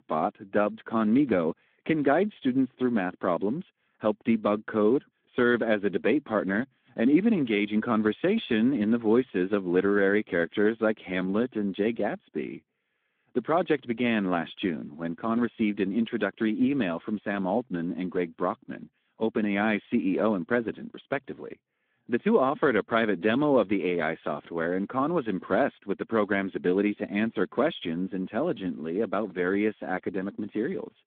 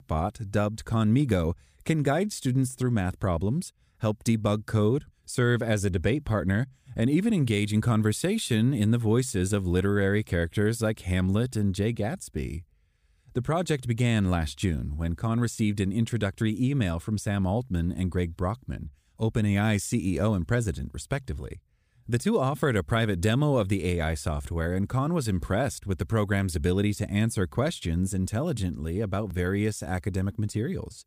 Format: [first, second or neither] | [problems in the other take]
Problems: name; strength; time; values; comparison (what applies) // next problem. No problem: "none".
second | phone-call audio; nothing above 3.5 kHz